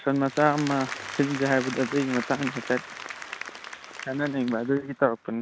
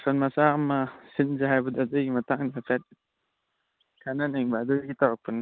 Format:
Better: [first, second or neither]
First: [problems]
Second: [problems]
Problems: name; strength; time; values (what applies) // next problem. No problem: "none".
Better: second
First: background sound (Applause); 11 dB below the speech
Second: none